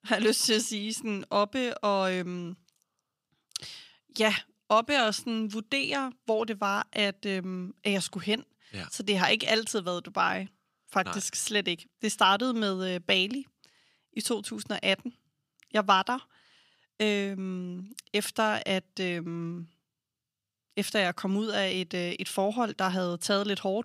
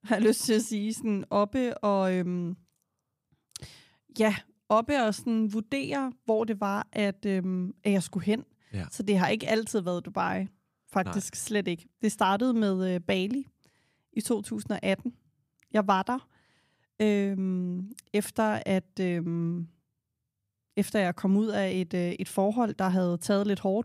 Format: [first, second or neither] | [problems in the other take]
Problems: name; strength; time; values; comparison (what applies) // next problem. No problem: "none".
second | thin; very slightly; fading below 250 Hz